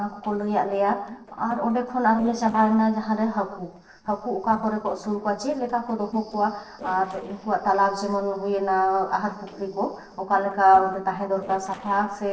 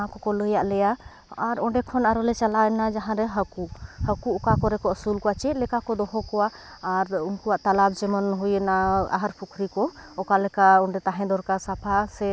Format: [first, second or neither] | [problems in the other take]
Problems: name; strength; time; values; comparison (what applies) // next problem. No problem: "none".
second | noise reduction (neural separator model SepFormer DNS4)